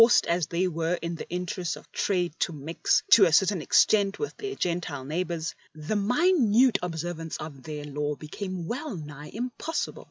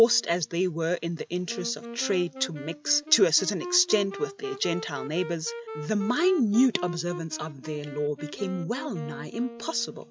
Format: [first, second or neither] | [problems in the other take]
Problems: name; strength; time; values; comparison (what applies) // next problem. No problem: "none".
first | background sound (Wind instrument, woodwind instrument); 12 dB below the speech